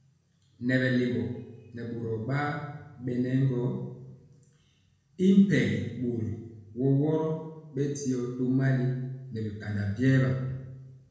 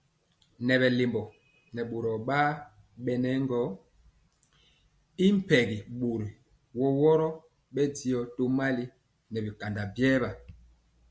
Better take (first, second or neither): second